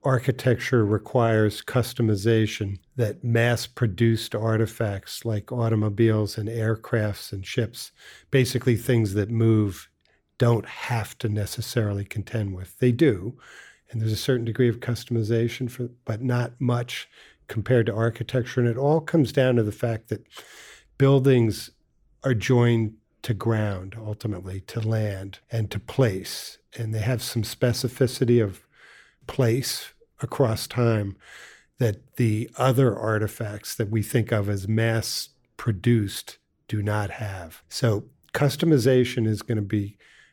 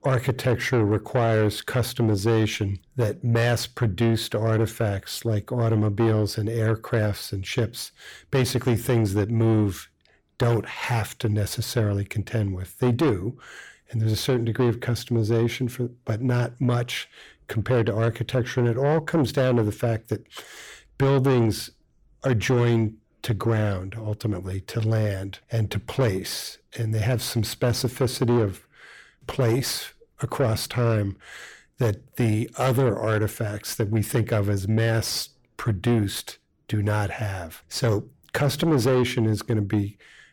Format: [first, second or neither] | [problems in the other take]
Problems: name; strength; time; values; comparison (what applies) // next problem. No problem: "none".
first | distortion; slight; 10 dB below the speech